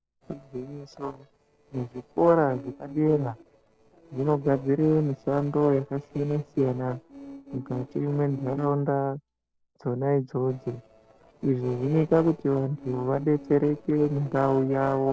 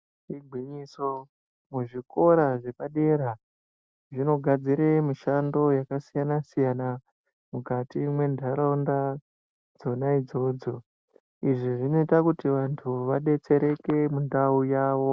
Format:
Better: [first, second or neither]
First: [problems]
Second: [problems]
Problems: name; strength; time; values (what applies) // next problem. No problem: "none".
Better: second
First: noise reduction (neural separator model SepFormer DNS4)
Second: none